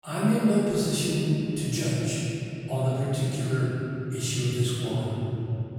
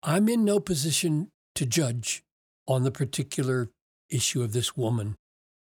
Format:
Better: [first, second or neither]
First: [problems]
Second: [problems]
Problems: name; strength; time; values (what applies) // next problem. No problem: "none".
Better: second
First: off-mic speech; far // room echo; strong; dies away in 3 s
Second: none